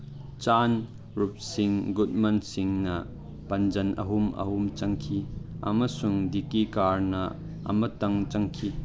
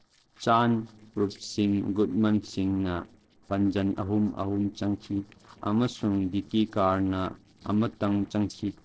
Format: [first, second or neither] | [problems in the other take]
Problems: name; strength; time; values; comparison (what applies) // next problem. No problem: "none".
first | noise reduction (neural separator model SepFormer DNS4)